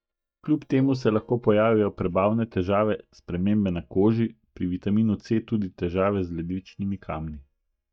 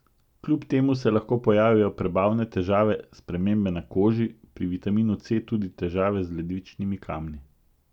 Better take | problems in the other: second | noise reduction (neural mask model DeepFilterNet 3)

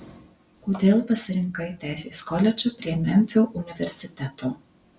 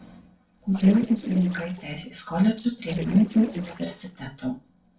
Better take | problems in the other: first | noise reduction (neural separator model SepFormer DNS4)

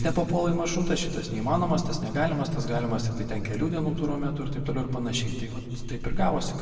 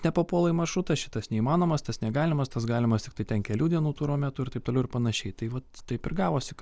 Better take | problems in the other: second | room echo; dies away in 2.2 s

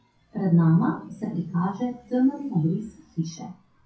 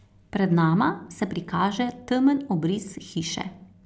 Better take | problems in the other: second | noise reduction (classical method WPE with log-MMSE)

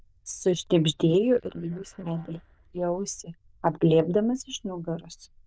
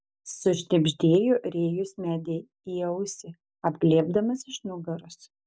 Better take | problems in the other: second | noise reduction (neural diffusion model UNIVERSE++)

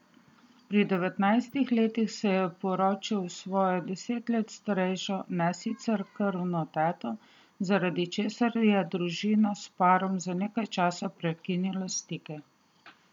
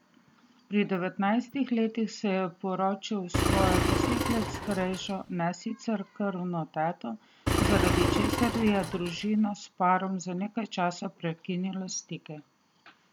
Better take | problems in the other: first | background sound (Engine); 2 dB above the speech

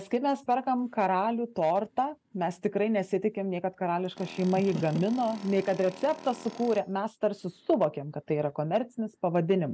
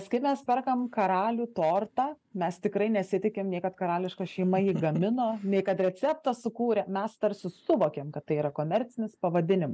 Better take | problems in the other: second | background sound (Tools); 18 dB below the speech

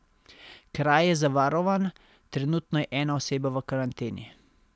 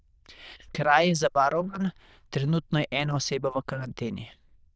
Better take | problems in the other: first | noise reduction (neural diffusion model UNIVERSE++)

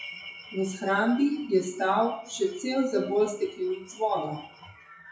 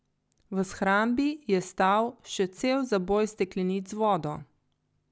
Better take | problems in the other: second | noise reduction (classical method WPE with log-MMSE)

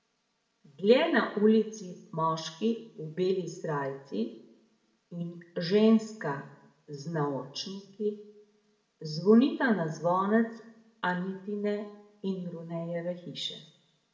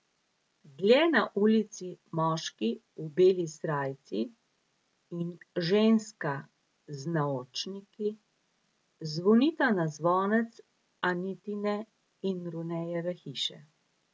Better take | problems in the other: second | room echo; dies away in 0.7 s

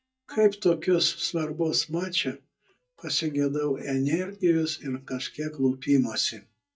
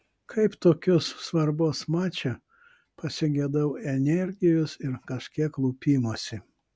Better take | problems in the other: second | noise reduction (neural mask model DeepFilterNet 3)

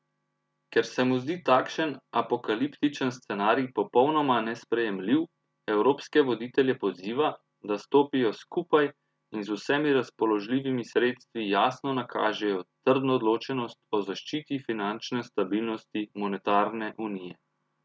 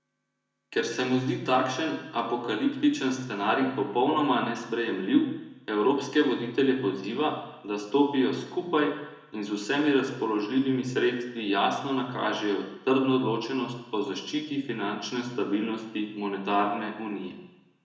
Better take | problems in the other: first | room echo; dies away in 0.9 s

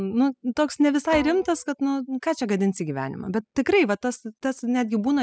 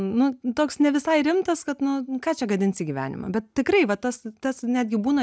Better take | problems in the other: second | noise reduction (classical method spectral subtraction)

